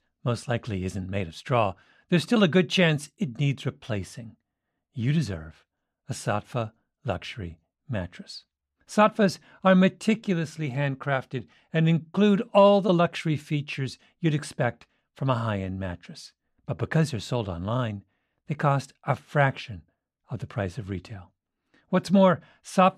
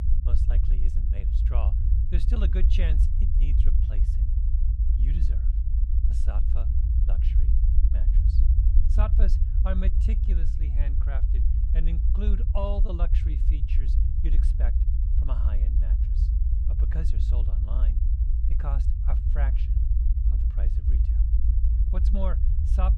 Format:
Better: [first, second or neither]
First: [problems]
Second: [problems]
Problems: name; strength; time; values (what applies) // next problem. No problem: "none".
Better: first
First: none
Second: low rumble; loud; throughout; 3 dB below the speech